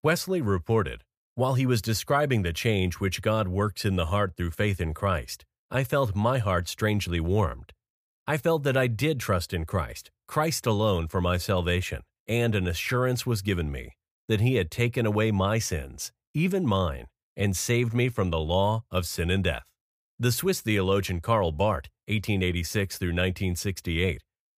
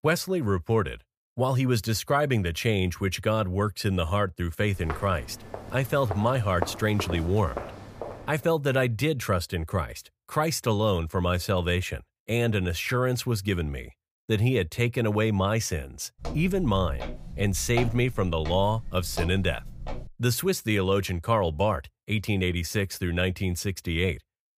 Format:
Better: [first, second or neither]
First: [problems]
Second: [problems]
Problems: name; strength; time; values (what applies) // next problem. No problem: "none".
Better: first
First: none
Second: footsteps; noticeable; from 5 to 8 s and from 16 to 20 s; peak 7 dB below the speech